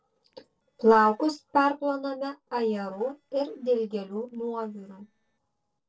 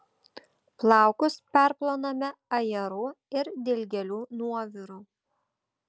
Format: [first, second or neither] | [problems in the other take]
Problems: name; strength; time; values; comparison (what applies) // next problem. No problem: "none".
second | noise reduction (neural separator model SepFormer DNS4)